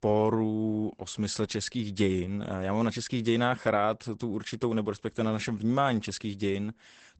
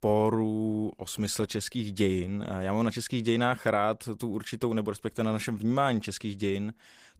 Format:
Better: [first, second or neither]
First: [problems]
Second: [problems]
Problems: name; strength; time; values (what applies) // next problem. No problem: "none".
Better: second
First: garbled, watery; badly; nothing above 8 kHz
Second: garbled, watery; slightly; nothing above 15.5 kHz